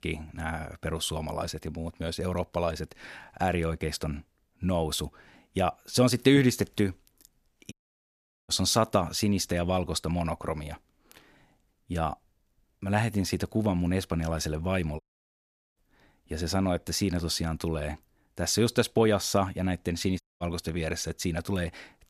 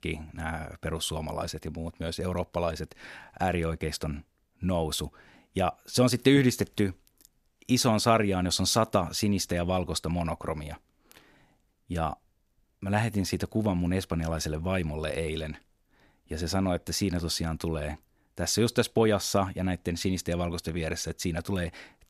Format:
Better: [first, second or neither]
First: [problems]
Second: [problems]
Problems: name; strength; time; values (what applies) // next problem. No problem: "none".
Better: second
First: audio cutting out; at 7.5 s for 1 s, at 15 s for 1 s and at 20 s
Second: none